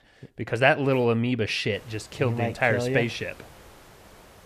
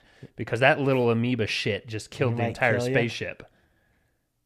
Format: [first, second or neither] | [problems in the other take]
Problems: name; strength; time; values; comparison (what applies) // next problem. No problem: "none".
second | hiss; faint; from 1.5 s on; 25 dB below the speech